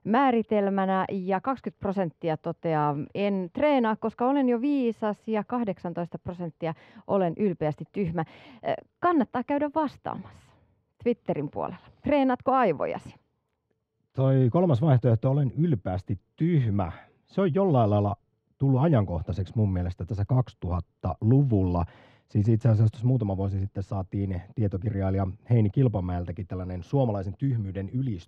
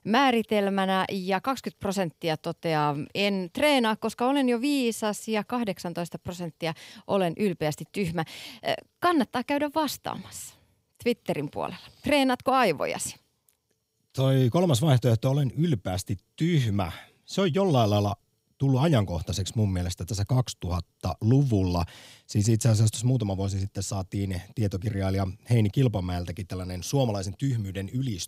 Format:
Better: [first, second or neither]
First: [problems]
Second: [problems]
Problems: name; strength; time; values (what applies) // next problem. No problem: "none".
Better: second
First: muffled; very; fading above 4 kHz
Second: none